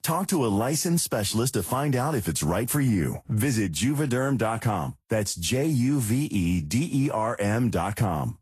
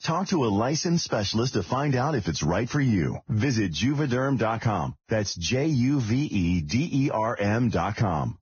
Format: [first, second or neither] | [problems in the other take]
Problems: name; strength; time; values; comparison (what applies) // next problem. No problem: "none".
first | garbled, watery; badly; nothing above 6.5 kHz; slightly in the first